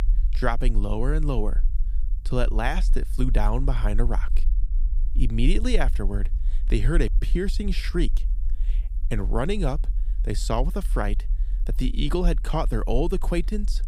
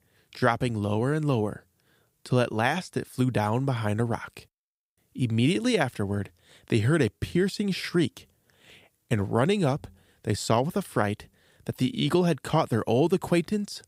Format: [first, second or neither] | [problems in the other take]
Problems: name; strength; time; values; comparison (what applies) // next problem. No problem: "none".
second | low rumble; faint; throughout; 20 dB below the speech